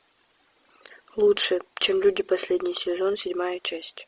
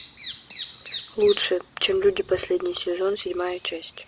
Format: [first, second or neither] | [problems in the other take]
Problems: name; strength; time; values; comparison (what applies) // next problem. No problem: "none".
first | background sound (Bird vocalization, bird call, bird song); 15 dB below the speech